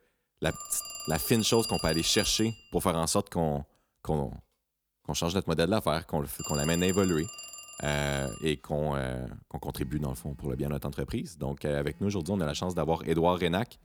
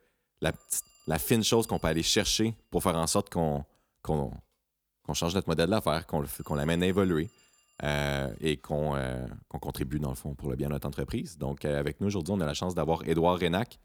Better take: second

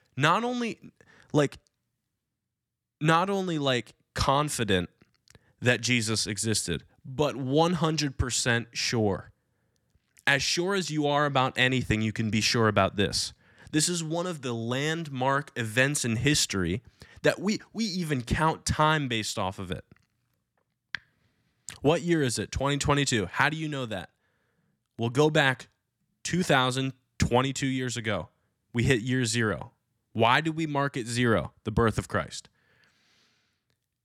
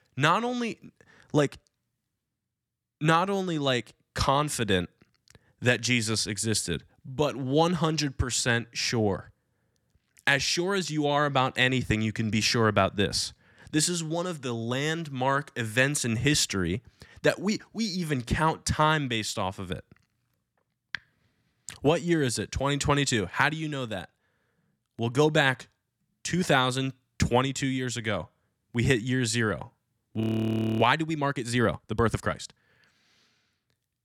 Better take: first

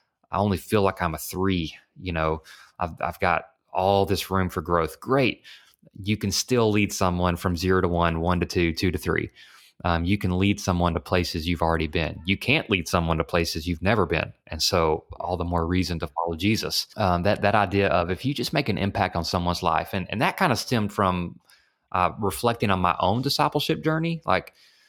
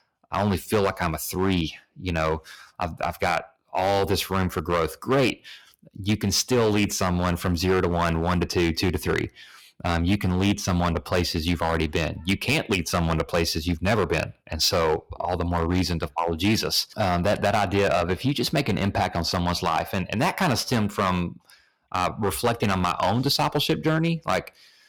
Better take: first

